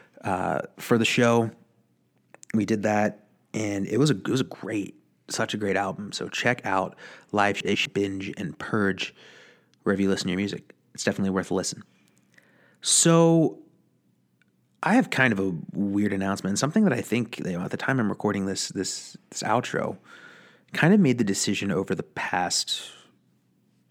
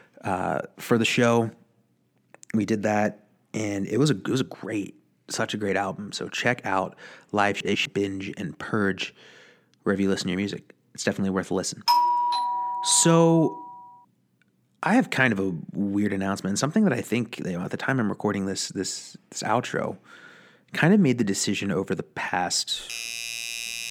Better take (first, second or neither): first